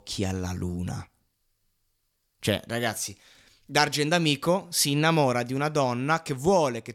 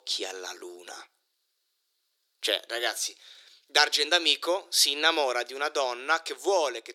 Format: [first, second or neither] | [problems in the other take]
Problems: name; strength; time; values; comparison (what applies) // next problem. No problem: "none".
first | thin; very; fading below 350 Hz